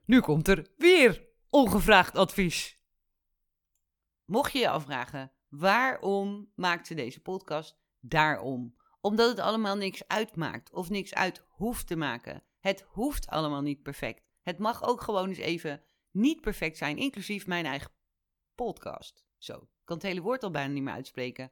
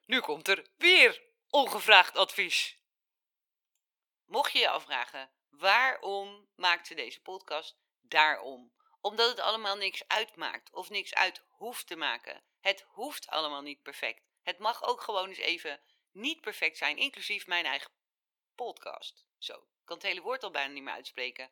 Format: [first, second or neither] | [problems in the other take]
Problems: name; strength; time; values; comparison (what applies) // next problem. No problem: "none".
first | thin; very; fading below 450 Hz